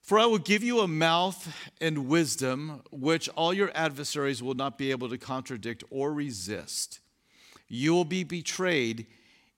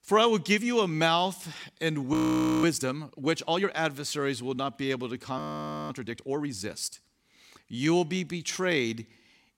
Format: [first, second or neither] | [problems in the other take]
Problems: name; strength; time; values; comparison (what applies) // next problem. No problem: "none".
first | audio freezing; at 2 s and at 5.5 s for 0.5 s